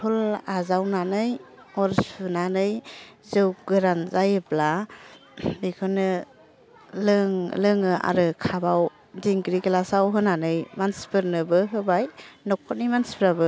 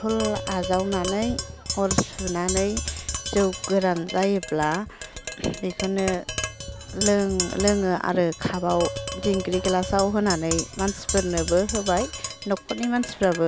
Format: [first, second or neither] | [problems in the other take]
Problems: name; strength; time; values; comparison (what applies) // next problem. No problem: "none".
first | background sound (Tap); 7 dB below the speech